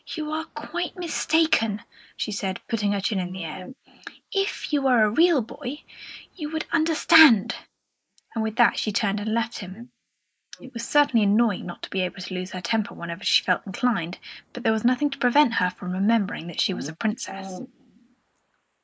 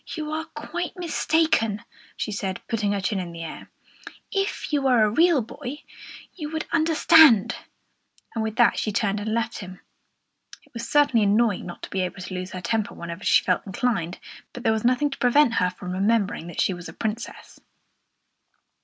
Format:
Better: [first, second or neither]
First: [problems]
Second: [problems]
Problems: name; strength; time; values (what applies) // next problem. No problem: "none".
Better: second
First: noise reduction (neural mask model Resemble Enhance denoiser)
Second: none